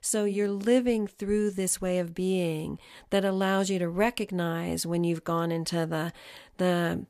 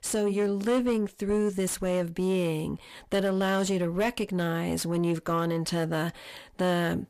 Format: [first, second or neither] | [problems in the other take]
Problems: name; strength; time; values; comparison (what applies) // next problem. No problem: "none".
first | distortion; slight; 10 dB below the speech